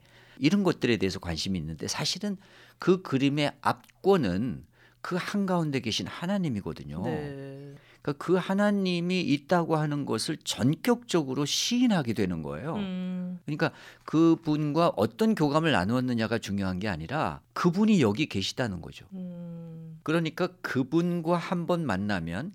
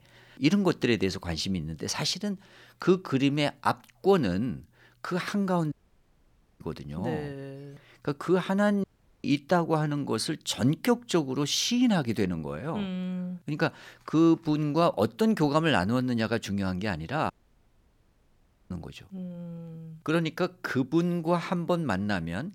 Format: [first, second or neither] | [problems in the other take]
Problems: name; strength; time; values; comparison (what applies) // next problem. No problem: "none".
first | audio cutting out; at 5.5 s for 1 s, at 9 s and at 17 s for 1.5 s